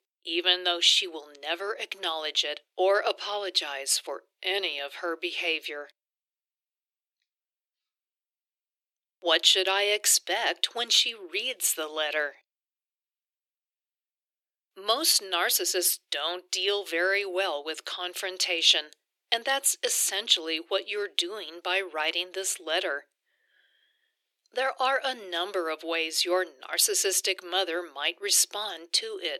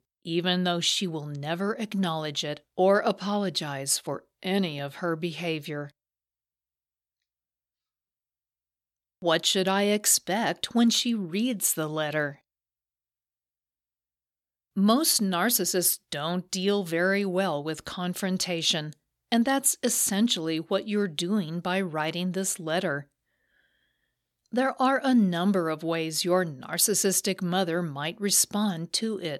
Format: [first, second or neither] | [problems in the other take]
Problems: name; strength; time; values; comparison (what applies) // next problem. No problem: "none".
second | thin; very; fading below 350 Hz